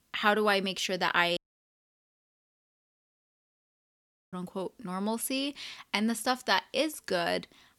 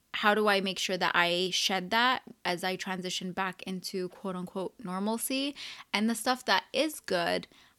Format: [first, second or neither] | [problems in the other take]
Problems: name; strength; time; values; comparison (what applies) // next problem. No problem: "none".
second | audio cutting out; at 1.5 s for 3 s